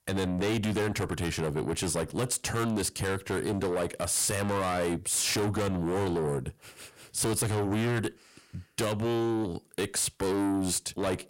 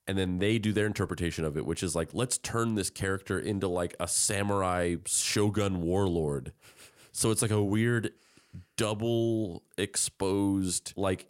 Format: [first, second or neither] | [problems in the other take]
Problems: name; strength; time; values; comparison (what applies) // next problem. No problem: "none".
second | distortion; heavy; 6 dB below the speech